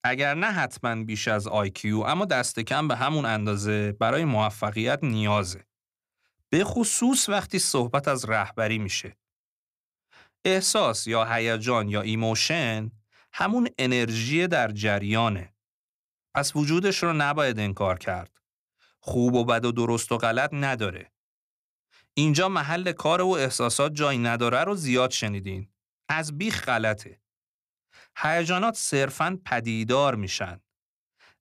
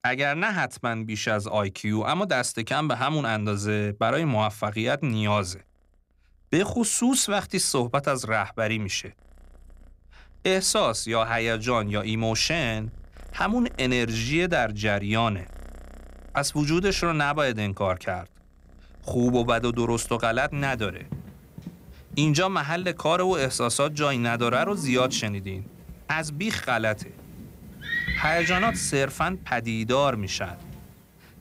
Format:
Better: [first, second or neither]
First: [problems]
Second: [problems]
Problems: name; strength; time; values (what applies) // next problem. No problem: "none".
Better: first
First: none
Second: animal sounds; noticeable; throughout; 15 dB below the speech